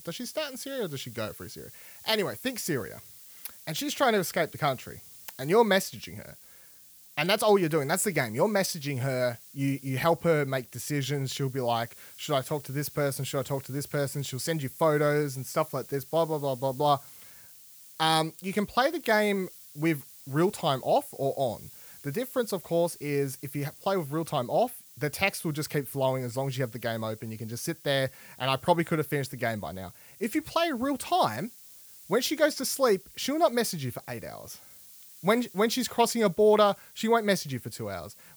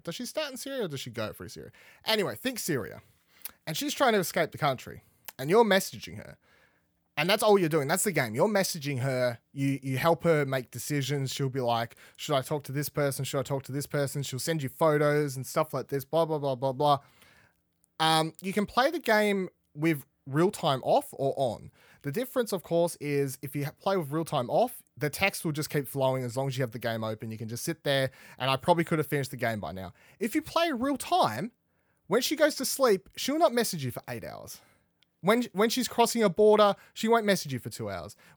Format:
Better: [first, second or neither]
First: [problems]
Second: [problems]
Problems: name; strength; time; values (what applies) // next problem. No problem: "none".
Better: second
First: hiss; noticeable; throughout; 20 dB below the speech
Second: none